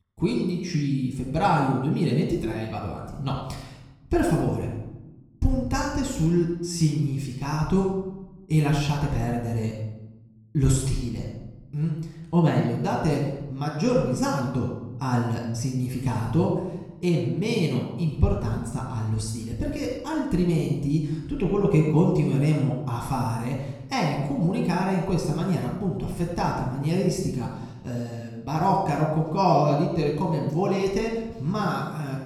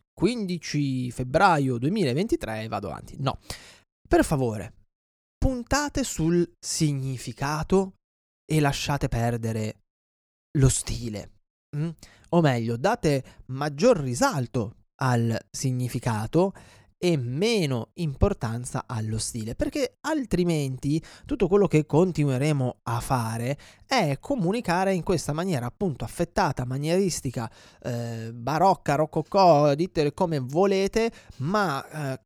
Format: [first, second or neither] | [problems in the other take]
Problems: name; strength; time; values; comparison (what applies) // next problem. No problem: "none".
second | off-mic speech; somewhat distant // room echo; noticeable; dies away in 0.9 s